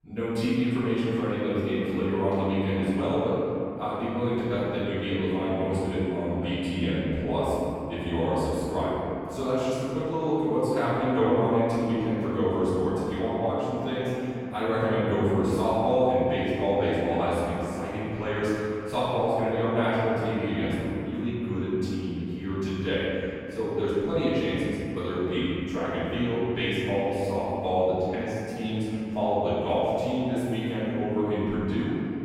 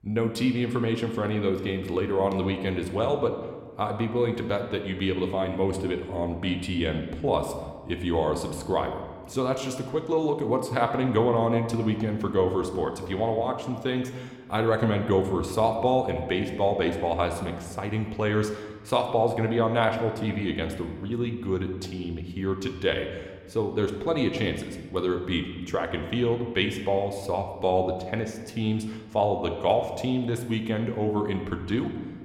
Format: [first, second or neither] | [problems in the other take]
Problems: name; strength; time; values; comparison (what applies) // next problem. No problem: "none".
second | room echo; strong; dies away in 3 s; slight in the second // off-mic speech; far